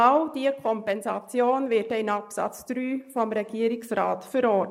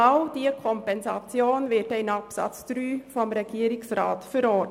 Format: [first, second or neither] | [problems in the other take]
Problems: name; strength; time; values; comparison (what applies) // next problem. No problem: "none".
second | noise reduction (neural mask model Resemble Enhance denoiser)